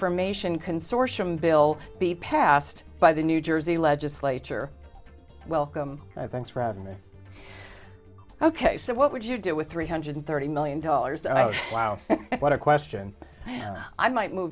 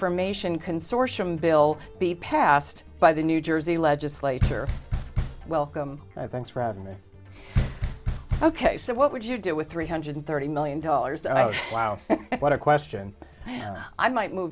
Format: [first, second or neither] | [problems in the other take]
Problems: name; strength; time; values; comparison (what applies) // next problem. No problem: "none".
first | background sound (Knock); 3 dB below the speech